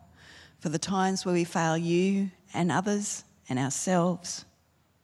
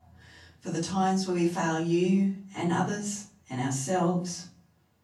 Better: first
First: none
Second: room echo; slight; dies away in 0.4 s // off-mic speech; far

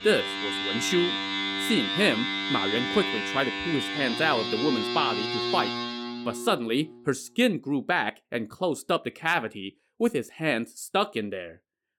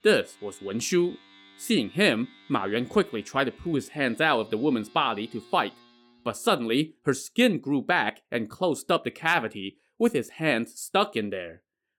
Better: second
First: household noises; loud; until 6 s; 1 dB below the speech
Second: household noises; faint; until 6 s; 25 dB below the speech

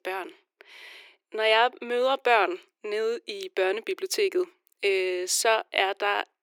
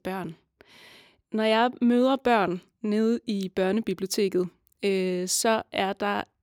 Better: second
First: thin; very; fading below 350 Hz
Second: none

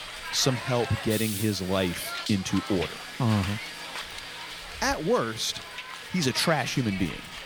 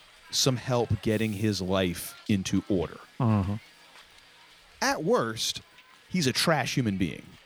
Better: second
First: hiss; loud; throughout; 8 dB below the speech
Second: hiss; faint; throughout; 25 dB below the speech

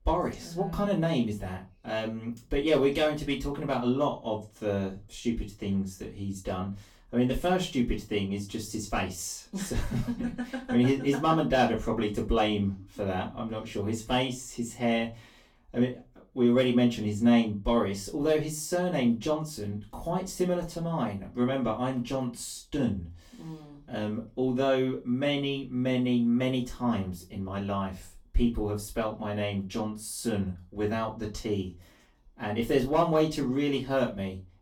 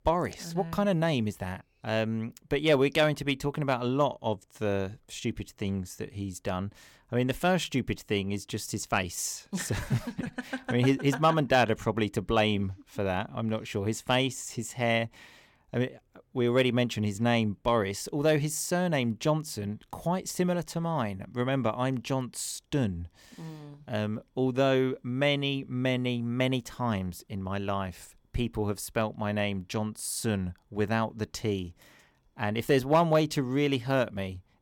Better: second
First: off-mic speech; far // room echo; very slight; dies away in 0.2 s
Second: none

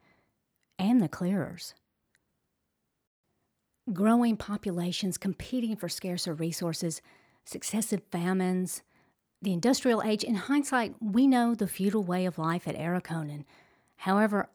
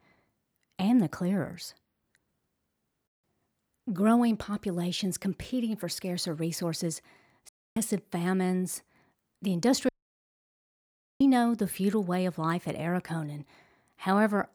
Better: first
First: none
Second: audio cutting out; at 7.5 s and at 10 s for 1.5 s

